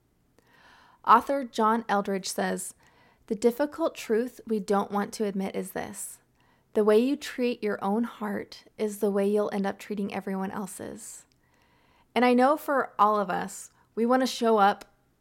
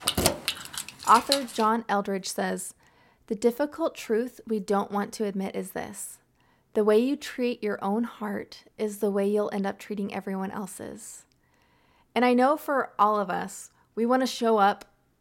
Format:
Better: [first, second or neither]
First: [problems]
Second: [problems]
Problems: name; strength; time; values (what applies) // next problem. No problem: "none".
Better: first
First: none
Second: jangling keys; loud; until 1.5 s; peak 3 dB above the speech